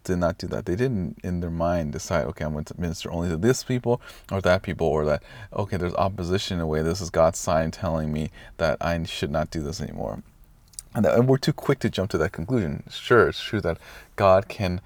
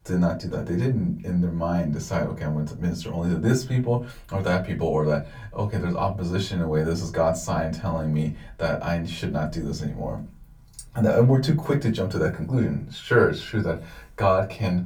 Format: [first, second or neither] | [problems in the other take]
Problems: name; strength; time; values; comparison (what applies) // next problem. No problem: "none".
first | off-mic speech; far // room echo; very slight; dies away in 0.2 s